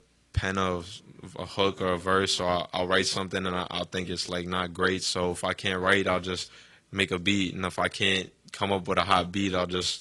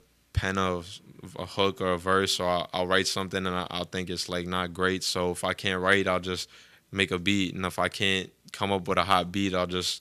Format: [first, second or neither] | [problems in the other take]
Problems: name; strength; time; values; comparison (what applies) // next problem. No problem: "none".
second | garbled, watery; slightly; nothing above 10.5 kHz